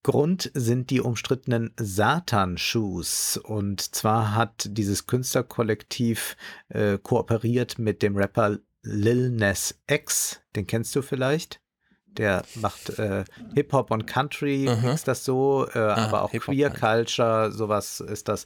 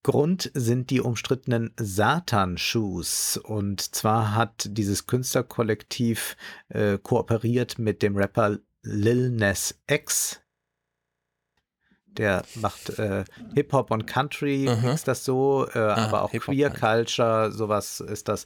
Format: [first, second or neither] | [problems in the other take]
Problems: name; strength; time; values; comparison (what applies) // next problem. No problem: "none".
first | audio freezing; at 10 s for 1 s